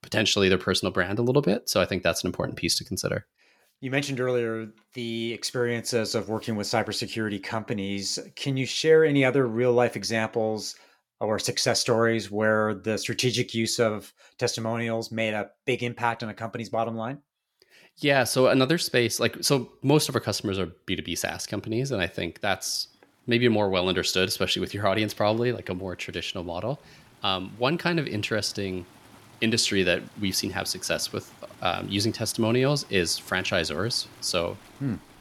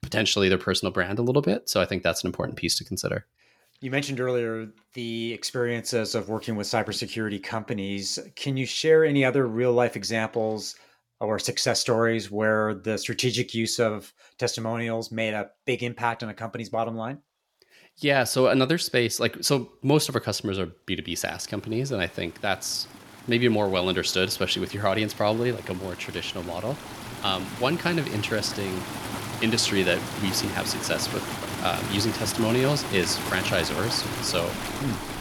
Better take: first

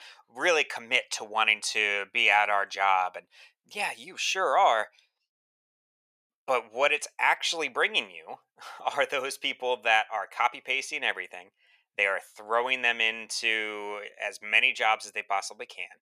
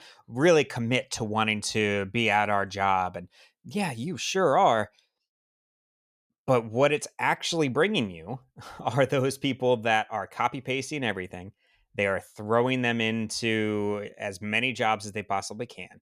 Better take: second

